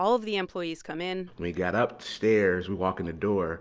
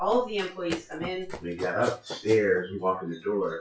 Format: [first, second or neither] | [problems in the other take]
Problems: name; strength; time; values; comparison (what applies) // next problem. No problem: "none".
first | noise reduction (classical method WPE with log-MMSE)